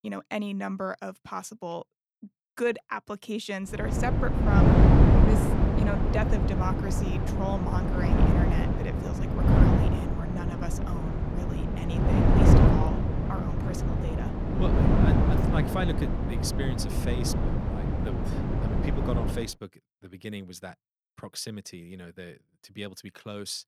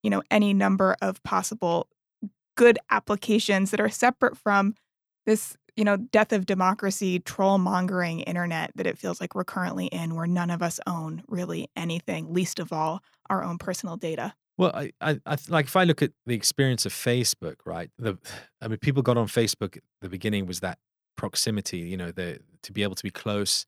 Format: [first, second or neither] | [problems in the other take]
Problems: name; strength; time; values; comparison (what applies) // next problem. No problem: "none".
second | wind noise on the microphone; heavy; from 4 to 19 s; 4 dB above the speech